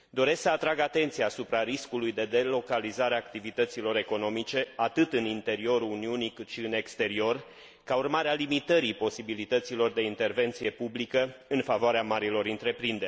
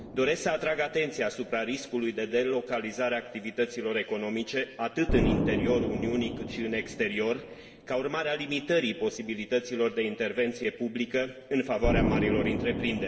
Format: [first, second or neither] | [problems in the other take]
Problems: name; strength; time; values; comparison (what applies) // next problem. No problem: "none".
first | background sound (Explosion); 5 dB below the speech // room echo; dies away in 1.8 s